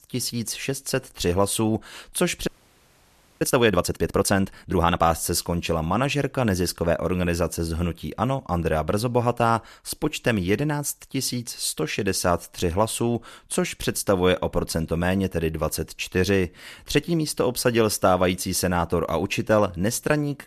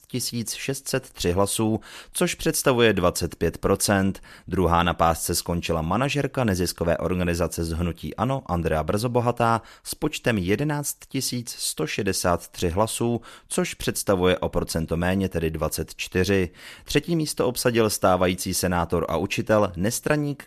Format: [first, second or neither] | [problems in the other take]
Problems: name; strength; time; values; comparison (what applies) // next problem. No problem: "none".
second | audio freezing; at 2.5 s for 1 s